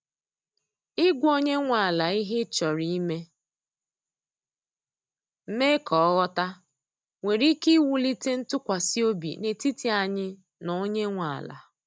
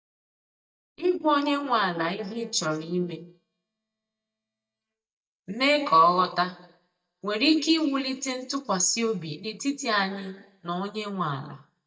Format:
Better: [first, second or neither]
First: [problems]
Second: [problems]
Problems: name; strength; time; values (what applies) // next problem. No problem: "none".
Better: first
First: none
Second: noise reduction (neural mask model DeepFilterNet 3)